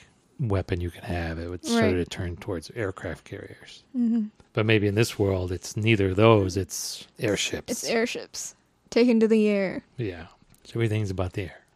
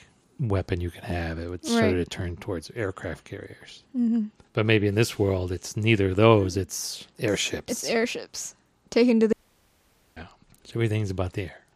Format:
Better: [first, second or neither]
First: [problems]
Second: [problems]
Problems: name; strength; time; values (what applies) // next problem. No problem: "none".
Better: first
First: none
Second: audio cutting out; at 9.5 s for 1 s